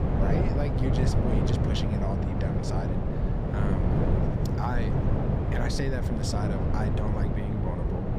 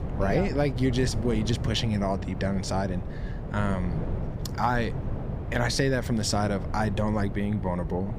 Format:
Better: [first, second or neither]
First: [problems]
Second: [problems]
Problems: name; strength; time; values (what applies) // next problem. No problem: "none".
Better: second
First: wind noise on the microphone; heavy; 2 dB above the speech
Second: wind noise on the microphone; occasional gusts; 10 dB below the speech